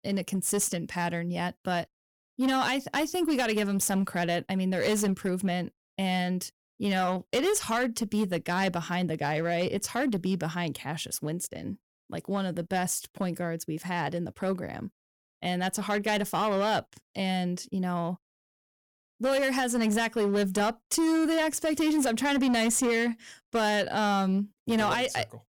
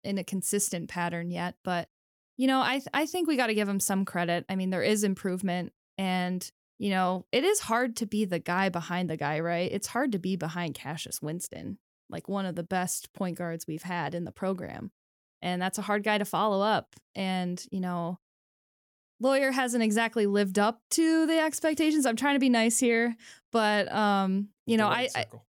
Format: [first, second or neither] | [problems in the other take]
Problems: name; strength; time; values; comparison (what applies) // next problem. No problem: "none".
second | distortion; slight; 9% of the sound clipped